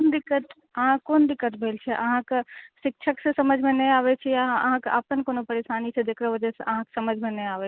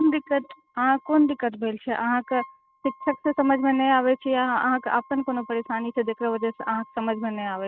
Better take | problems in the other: first | noise reduction (neural mask model RNNoise)

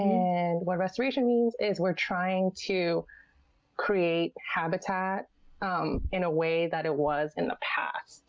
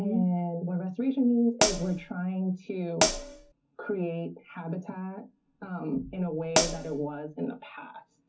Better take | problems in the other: first | background sound (Hi-hat); 4 dB above the speech // room echo; dies away in 0.3 s

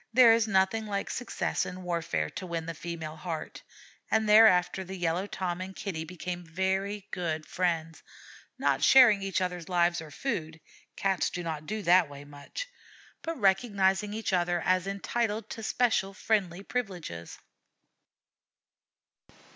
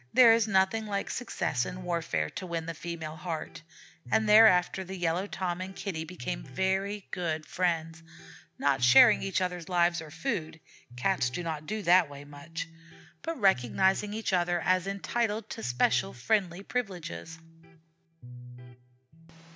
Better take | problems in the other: first | background sound (Electric guitar); 17 dB below the speech

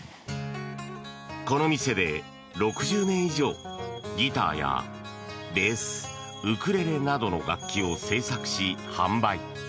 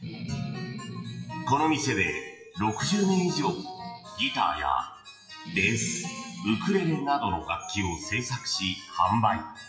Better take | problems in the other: first | noise reduction (classical method WPE with log-MMSE)

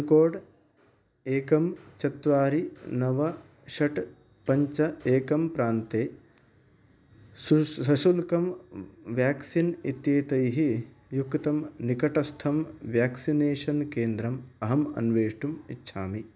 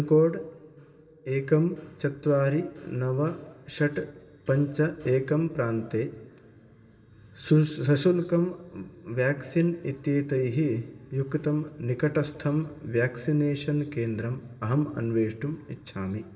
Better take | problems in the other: first | room echo; dies away in 2.4 s

